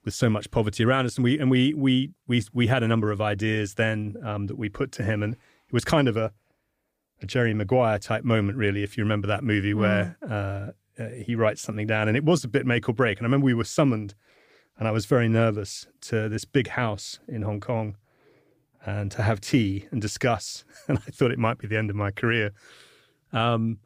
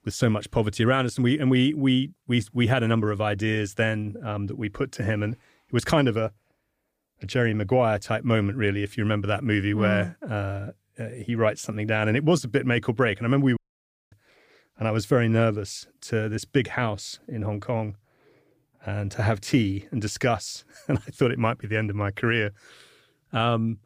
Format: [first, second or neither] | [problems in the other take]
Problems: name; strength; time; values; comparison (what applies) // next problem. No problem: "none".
first | audio cutting out; at 14 s for 0.5 s